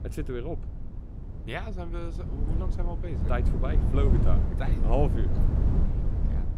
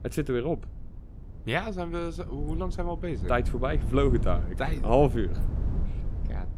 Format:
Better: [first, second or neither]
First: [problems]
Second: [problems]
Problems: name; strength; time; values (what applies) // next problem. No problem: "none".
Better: second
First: wind noise on the microphone; heavy; 5 dB below the speech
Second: wind noise on the microphone; occasional gusts; 15 dB below the speech